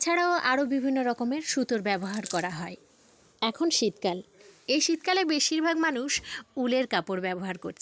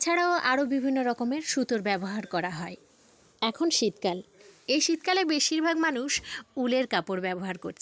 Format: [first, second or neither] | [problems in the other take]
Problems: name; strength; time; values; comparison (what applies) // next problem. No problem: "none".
second | background sound (Coin (dropping)); 15 dB below the speech